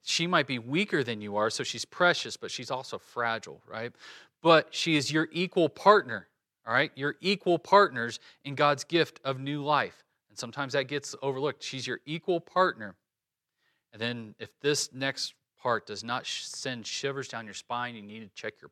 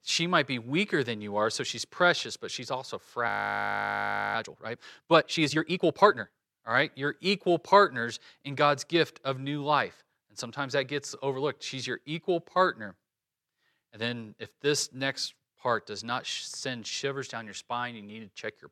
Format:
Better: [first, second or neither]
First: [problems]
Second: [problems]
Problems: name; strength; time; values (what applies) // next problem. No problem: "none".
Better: first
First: none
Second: audio freezing; at 3.5 s for 1 s